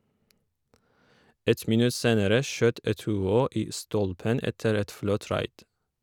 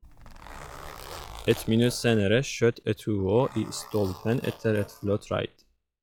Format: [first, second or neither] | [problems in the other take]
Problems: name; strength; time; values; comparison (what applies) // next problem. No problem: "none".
first | noise reduction (classical method log-MMSE)